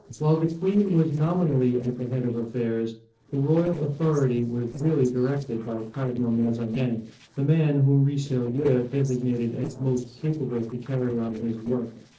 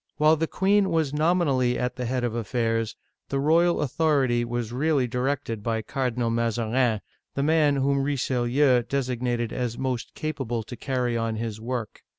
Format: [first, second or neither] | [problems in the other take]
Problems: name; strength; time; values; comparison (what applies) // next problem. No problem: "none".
second | noise reduction (neural separator model SepFormer DNS4)